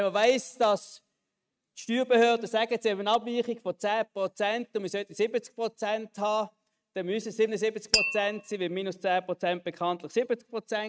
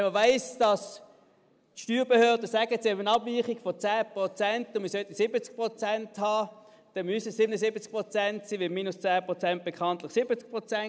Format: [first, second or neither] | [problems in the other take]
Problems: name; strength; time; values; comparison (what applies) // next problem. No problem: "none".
second | noise reduction (neural mask model RNNoise)